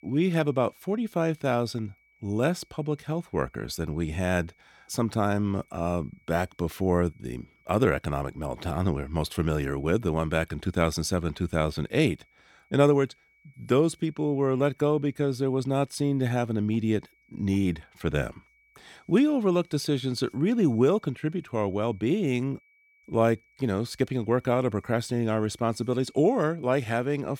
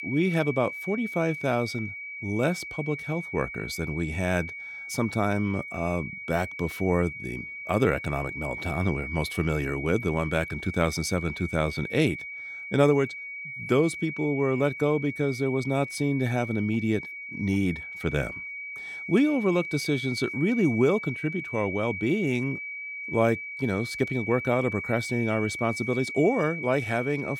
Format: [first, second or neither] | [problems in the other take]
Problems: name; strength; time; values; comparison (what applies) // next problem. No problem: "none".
first | high-pitched whine; loud; throughout; 2.5 kHz, 7 dB below the speech; faint in the first